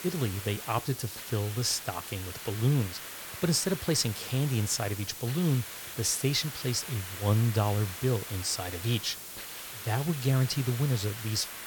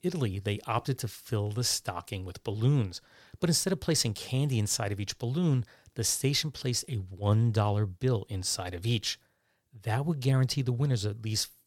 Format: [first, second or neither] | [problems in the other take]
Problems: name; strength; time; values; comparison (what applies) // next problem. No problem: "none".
second | hiss; loud; throughout; 9 dB below the speech